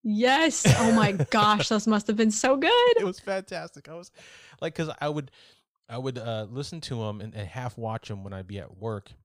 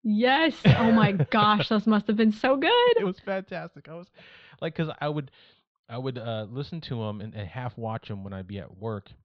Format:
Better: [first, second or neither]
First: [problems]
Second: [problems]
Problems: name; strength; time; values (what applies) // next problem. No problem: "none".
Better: first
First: none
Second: muffled; slightly; fading above 4 kHz